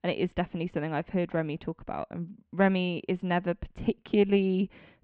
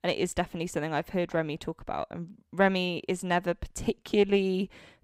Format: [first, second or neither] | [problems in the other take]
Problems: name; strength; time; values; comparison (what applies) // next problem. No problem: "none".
second | muffled; very; fading above 3 kHz